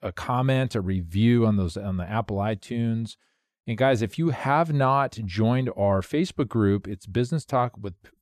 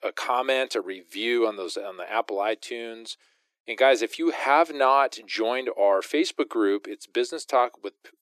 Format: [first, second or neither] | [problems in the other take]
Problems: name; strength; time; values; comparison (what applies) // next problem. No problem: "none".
first | thin; very; fading below 300 Hz